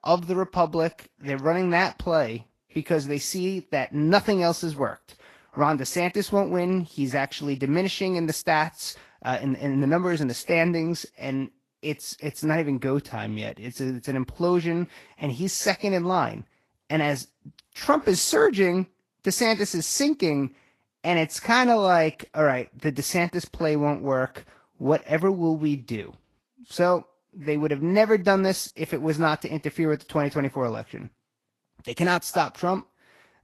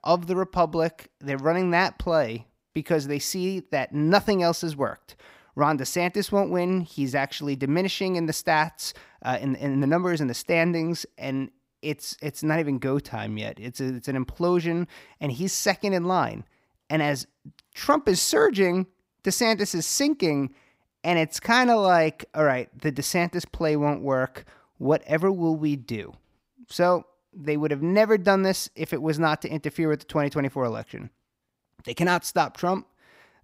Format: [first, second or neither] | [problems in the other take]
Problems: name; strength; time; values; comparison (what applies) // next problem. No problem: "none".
second | garbled, watery; slightly; nothing above 12.5 kHz